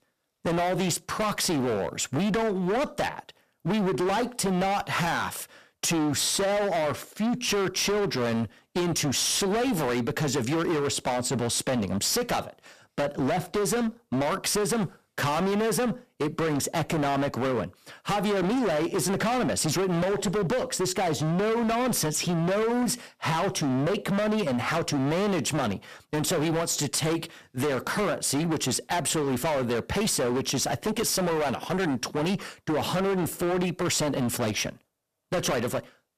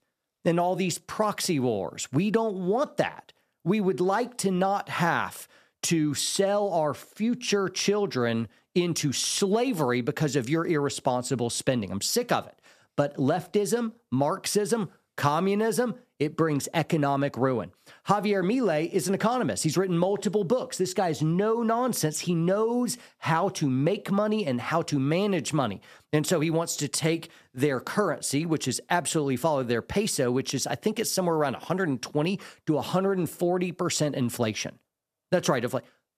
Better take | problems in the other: second | distortion; heavy; 30% of the sound clipped

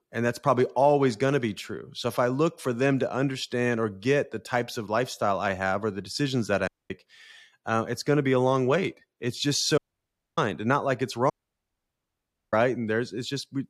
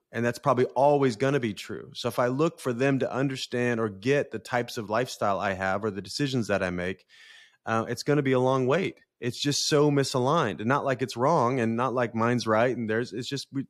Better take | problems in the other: second | audio cutting out; at 6.5 s, at 10 s for 0.5 s and at 11 s for 1 s

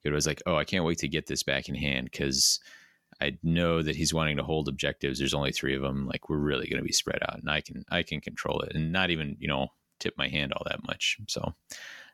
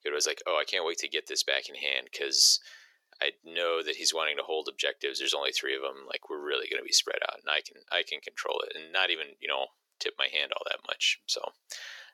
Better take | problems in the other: first | thin; very; fading below 400 Hz

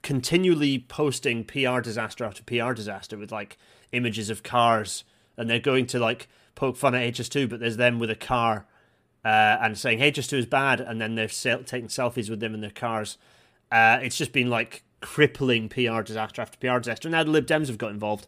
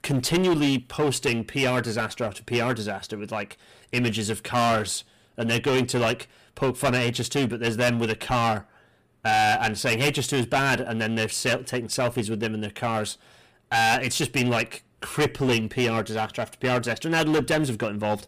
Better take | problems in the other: first | distortion; heavy; 12% of the sound clipped

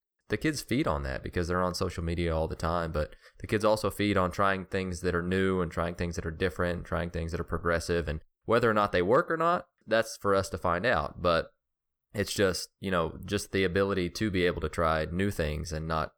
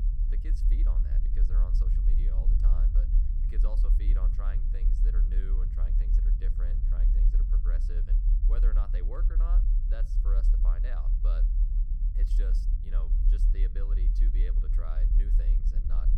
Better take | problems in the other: first | low rumble; loud; throughout; 1 dB below the speech

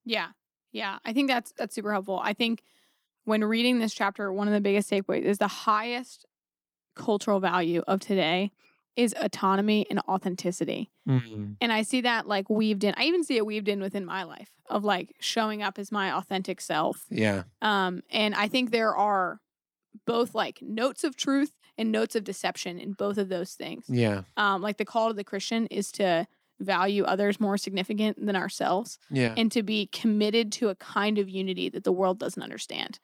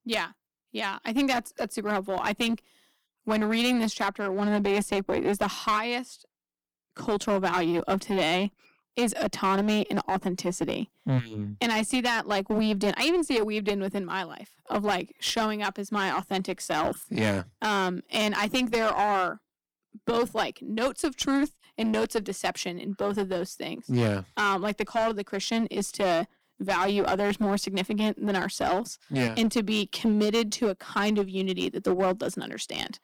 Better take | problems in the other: first | distortion; slight; 9% of the sound clipped

